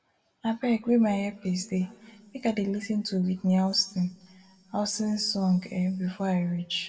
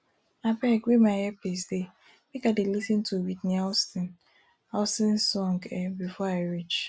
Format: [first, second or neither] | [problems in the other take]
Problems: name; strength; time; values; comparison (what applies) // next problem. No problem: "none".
second | room echo; dies away in 1.9 s